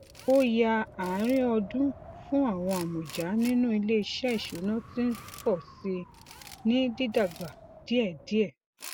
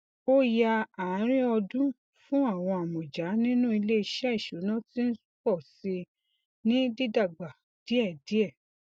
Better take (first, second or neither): second